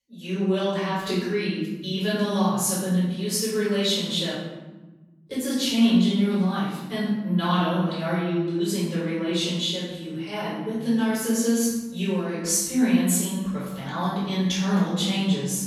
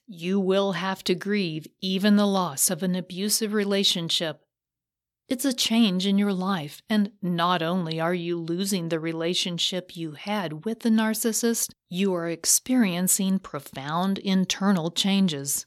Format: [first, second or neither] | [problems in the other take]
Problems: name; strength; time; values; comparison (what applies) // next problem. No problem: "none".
second | off-mic speech; far // room echo; strong; dies away in 1.1 s